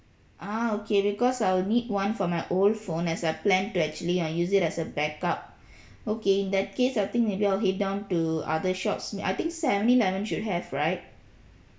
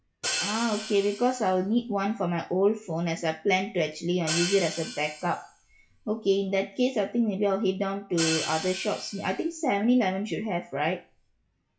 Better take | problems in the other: first | noise reduction (classical method log-MMSE)

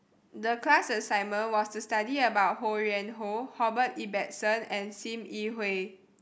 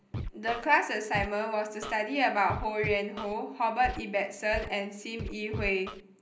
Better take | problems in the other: first | background sound (Scratching (performance technique)); 11 dB below the speech // room echo; dies away in 0.5 s

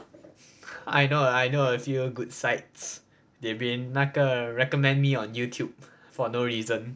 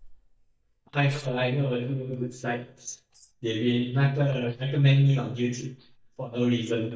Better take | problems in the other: first | noise reduction (neural mask model DeepFilterNet 3)

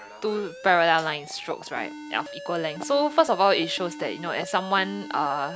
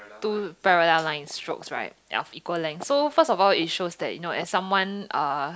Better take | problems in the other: second | background sound (Alarm); 14 dB below the speech

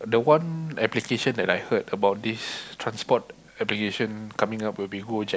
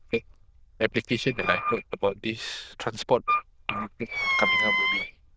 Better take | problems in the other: first | noise reduction (neural diffusion model UNIVERSE++)

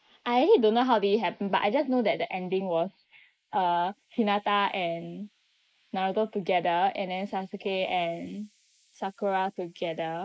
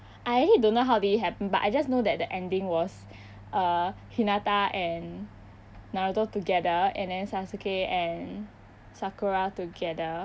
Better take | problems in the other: second | noise reduction (neural mask model Resemble Enhance denoiser)

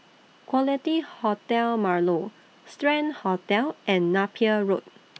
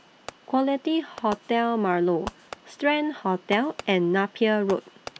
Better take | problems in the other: first | background sound (Fireworks); 18 dB below the speech

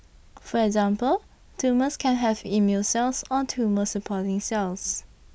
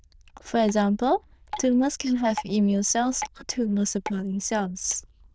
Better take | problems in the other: first | noise reduction (neural diffusion model UNIVERSE++)

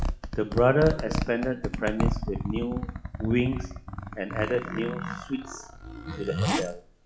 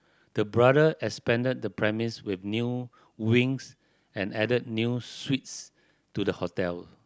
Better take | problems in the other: second | noise reduction (classical method WPE with log-MMSE)

